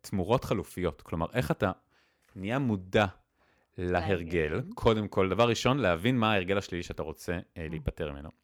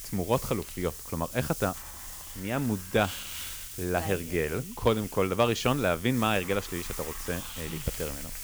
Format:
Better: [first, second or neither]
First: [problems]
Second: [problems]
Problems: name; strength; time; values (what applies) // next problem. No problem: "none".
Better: first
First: none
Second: hiss; loud; throughout; 9 dB below the speech